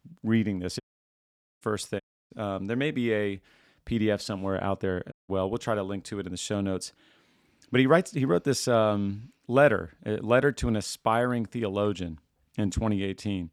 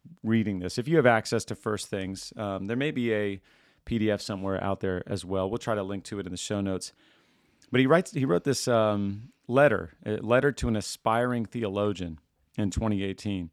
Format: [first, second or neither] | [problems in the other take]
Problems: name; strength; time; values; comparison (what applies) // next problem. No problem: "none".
second | audio cutting out; at 1 s for 1 s, at 2 s and at 5 s